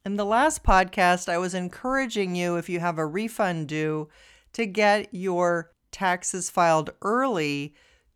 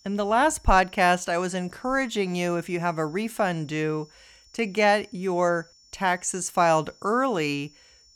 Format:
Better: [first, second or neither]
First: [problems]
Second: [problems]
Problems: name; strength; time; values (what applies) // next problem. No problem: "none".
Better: first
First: none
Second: high-pitched whine; faint; throughout; 5.5 kHz, 30 dB below the speech